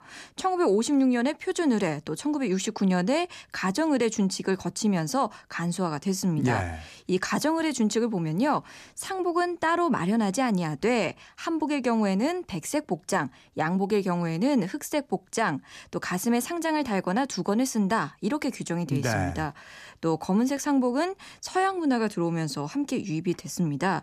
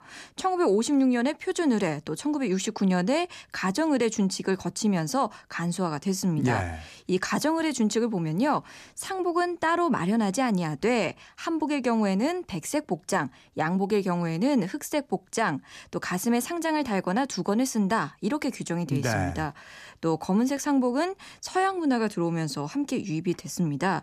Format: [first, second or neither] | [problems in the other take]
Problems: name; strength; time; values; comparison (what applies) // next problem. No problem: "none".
neither | none